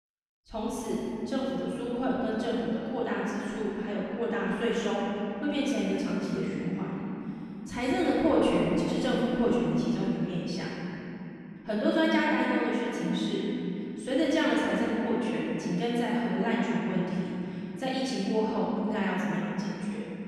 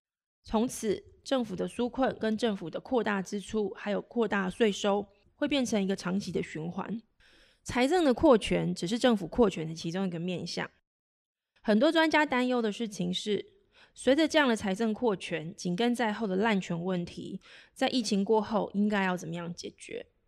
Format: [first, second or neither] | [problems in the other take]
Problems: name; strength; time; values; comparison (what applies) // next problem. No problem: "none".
second | room echo; strong; dies away in 3 s // off-mic speech; far